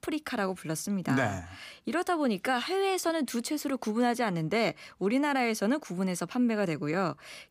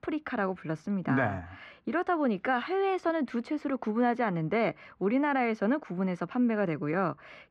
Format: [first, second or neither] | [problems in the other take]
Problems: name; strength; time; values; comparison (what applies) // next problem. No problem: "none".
first | muffled; very; fading above 1.5 kHz